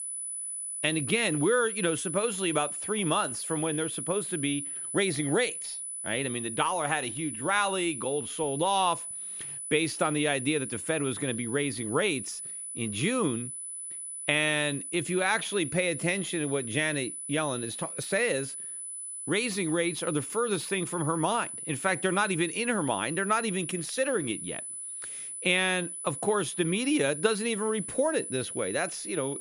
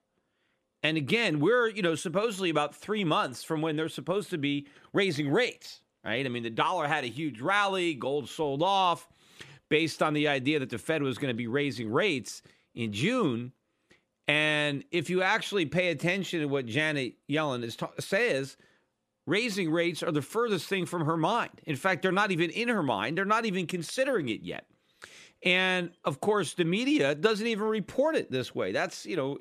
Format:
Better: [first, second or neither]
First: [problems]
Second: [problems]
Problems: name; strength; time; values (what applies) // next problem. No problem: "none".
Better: second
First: high-pitched whine; loud; throughout; 10 kHz, 6 dB below the speech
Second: none